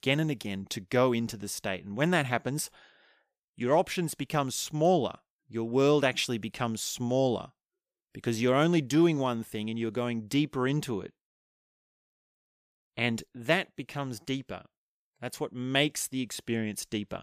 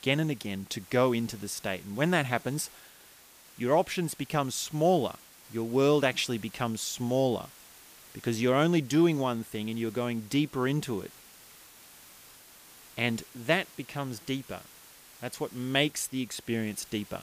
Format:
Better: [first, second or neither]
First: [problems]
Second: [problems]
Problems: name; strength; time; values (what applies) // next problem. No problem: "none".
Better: first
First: none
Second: hiss; faint; throughout; 20 dB below the speech